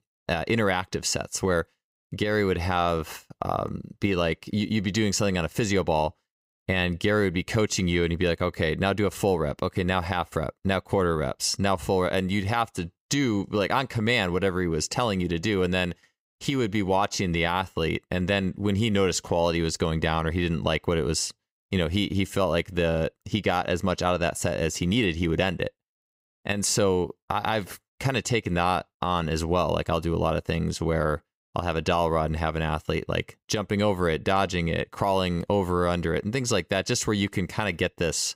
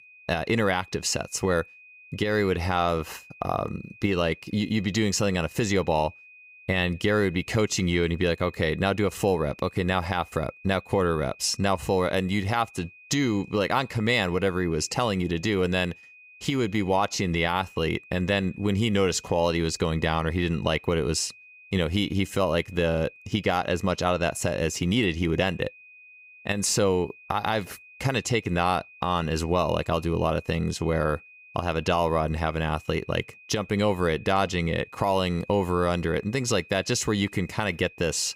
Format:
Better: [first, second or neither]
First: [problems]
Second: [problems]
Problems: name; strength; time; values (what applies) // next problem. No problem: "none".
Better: first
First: none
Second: high-pitched whine; faint; throughout; 2.5 kHz, 20 dB below the speech